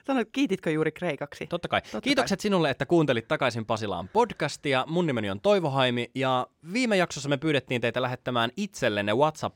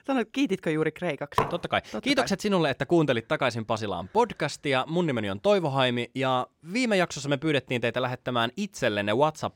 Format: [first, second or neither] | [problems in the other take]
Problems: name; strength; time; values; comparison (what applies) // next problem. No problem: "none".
first | clattering dishes; noticeable; at 1.5 s; peak 2 dB below the speech